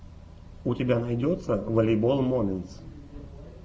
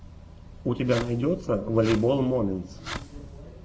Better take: first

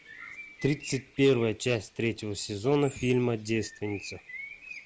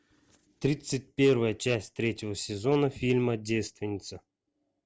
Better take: second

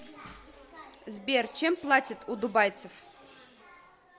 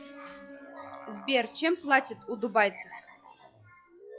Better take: first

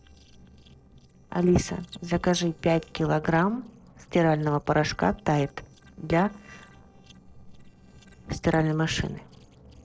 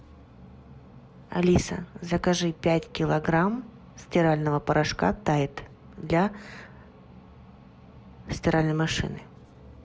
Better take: second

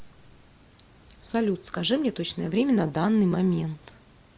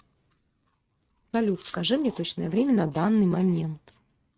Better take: first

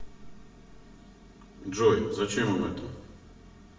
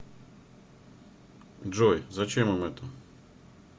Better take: second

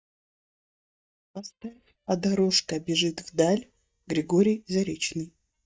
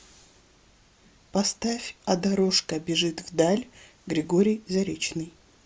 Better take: second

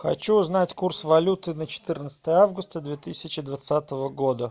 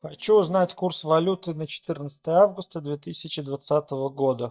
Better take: first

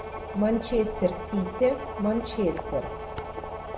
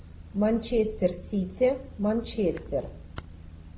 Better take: second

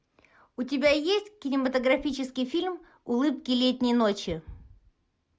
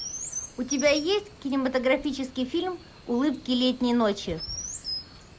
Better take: first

